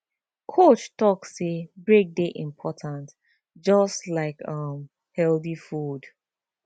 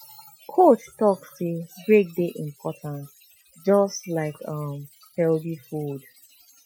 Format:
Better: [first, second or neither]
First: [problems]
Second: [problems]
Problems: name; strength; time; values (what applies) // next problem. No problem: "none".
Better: first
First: none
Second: noise reduction (classical method Wiener filter)